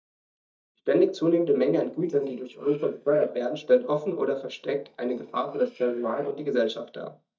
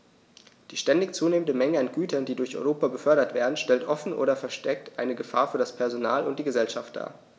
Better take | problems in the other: second | noise reduction (neural mask model DeepFilterNet 3)

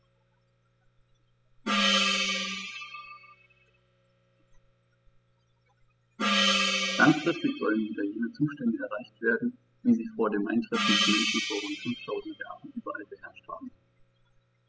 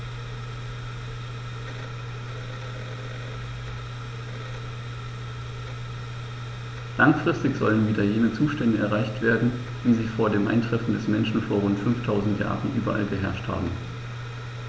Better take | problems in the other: second | noise reduction (classical method spectral subtraction)

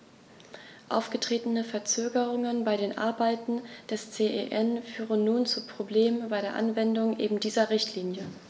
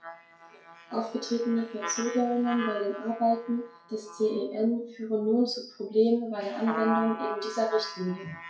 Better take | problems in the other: first | noise reduction (classical method WPE with log-MMSE)

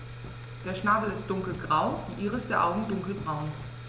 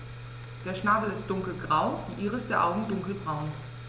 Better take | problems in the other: second | background sound (Run); 18 dB below the speech

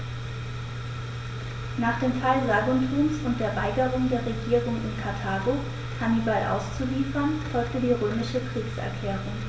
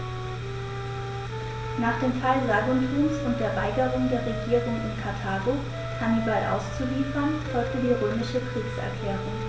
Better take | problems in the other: first | background sound (Wind instrument, woodwind instrument); 10 dB below the speech

